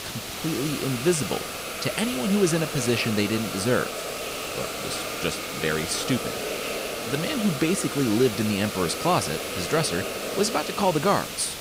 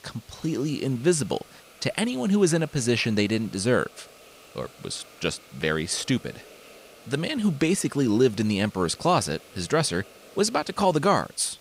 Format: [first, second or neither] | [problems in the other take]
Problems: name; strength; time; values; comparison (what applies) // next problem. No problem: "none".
second | hiss; loud; throughout; 4 dB below the speech; faint in the second